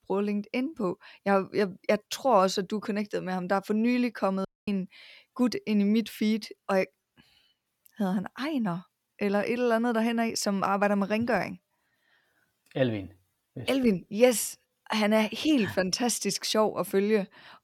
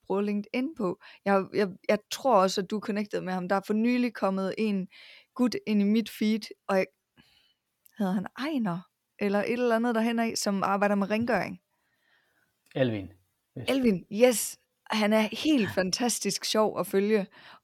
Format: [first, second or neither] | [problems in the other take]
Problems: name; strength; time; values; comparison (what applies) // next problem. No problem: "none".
second | audio cutting out; at 4.5 s